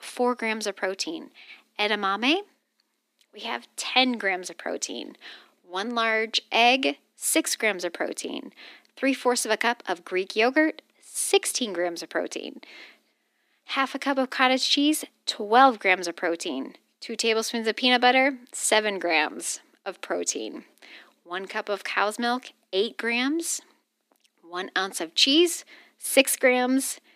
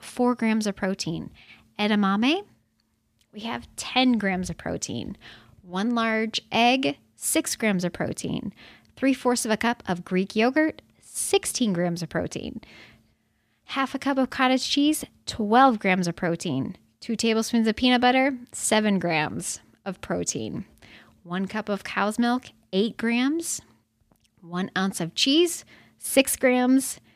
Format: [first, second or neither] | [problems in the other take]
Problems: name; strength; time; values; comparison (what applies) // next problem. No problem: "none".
second | thin; very slightly; fading below 300 Hz